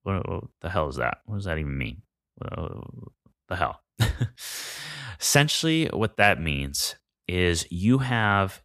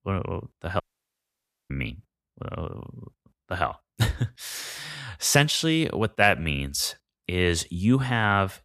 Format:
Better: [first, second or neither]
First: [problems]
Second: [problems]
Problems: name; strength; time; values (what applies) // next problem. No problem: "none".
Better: first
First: none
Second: audio cutting out; at 1 s for 1 s